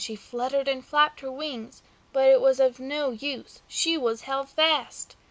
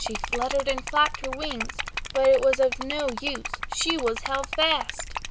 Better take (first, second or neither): first